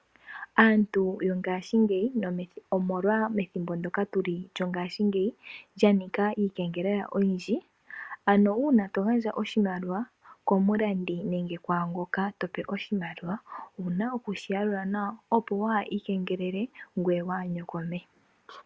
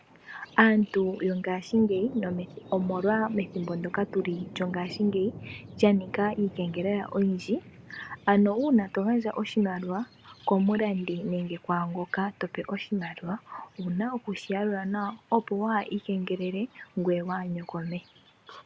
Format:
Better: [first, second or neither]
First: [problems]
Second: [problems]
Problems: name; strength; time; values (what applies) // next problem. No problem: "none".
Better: first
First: none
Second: background sound (Thunder); 19 dB below the speech